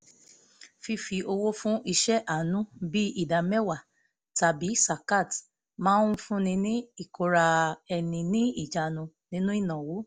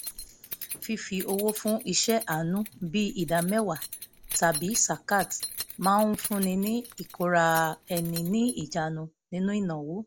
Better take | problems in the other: first | background sound (Keys jangling); 12 dB below the speech

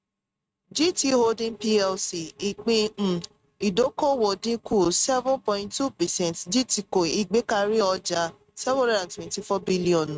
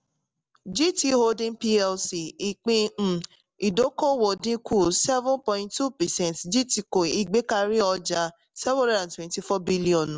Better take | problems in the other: second | noise reduction (neural mask model RNNoise)

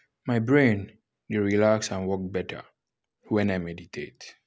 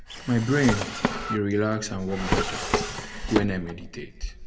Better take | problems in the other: first | background sound (Drawer open or close); 2 dB below the speech // room echo; dies away in 0.8 s

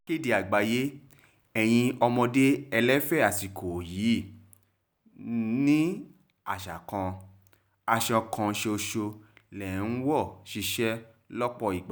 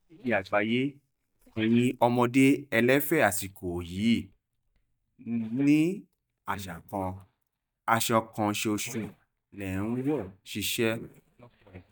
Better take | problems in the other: first | noise reduction (neural mask model DeepFilterNet 3)

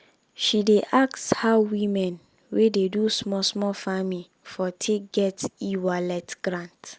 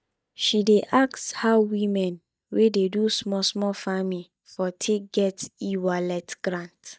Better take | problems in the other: first | noise reduction (neural mask model DeepFilterNet 3)

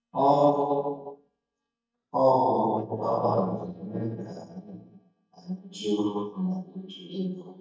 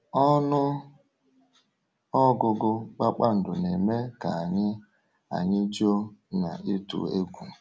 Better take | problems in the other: second | noise reduction (neural mask model DeepFilterNet 3)

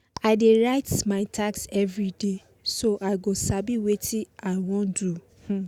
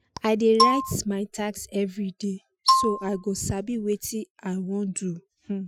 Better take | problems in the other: first | noise reduction (classical method Wiener filter)

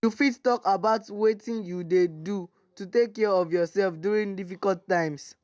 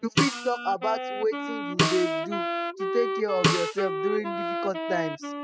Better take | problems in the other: first | noise reduction (classical method spectral subtraction)

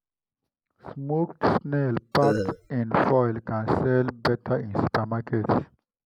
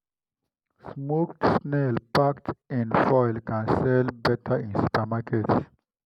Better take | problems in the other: second | background sound (Burping, eructation); 2 dB below the speech

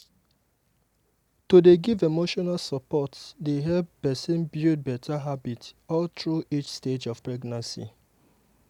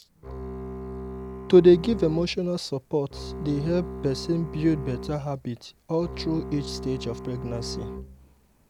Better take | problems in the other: first | background sound (Bowed string instrument); 11 dB below the speech

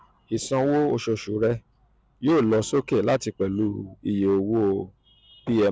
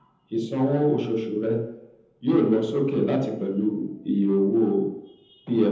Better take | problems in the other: first | room echo; dies away in 0.8 s

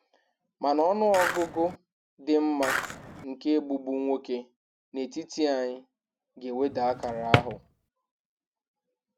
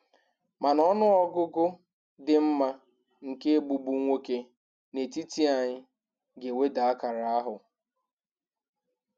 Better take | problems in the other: second | background sound (Skateboard + Drawer open or close); 1 dB below the speech

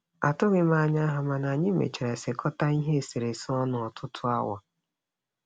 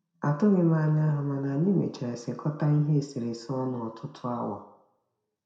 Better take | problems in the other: first | room echo; dies away in 0.6 s

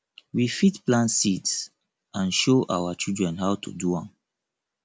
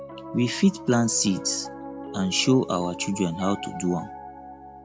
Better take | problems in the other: first | background sound (Piano); 12 dB below the speech

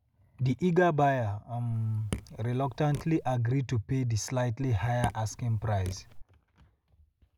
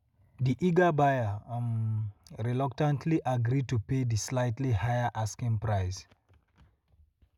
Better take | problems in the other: second | background sound (Raindrop / Drip); 13 dB below the speech

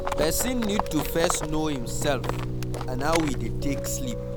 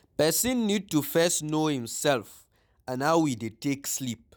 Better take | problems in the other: second | background sound (Livestock, farm animals, working animals + Piano); as loud as the speech

